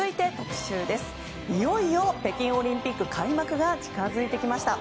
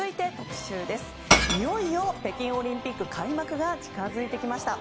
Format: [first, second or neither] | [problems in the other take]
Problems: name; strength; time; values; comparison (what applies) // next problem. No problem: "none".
first | background sound (Shatter / Crushing); as loud as the speech